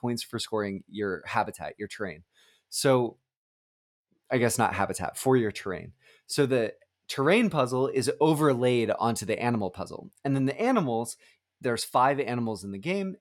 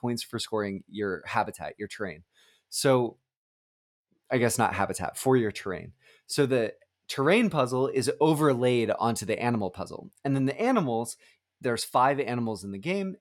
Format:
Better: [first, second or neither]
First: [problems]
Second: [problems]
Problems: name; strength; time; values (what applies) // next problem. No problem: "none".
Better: neither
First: none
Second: none